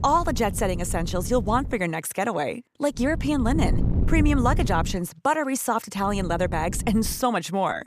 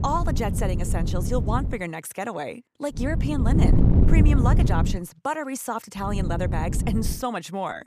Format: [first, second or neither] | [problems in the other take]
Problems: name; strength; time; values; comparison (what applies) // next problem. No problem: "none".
first | wind noise on the microphone; heavy; until 1.5 s, from 3 to 5 s and from 6 to 7 s; 5 dB below the speech; occasional gusts in the first